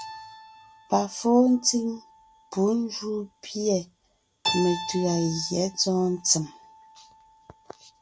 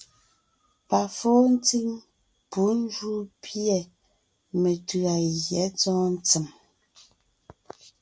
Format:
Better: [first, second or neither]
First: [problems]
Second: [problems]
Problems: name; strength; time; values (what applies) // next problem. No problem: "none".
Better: second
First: background sound (Keyboard (musical)); 13 dB below the speech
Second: none